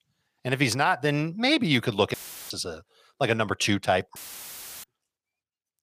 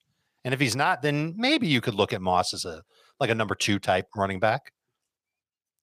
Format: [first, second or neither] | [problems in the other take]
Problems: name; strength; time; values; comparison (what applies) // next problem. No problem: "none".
second | audio cutting out; filled with static; at 2 s and at 4 s for 0.5 s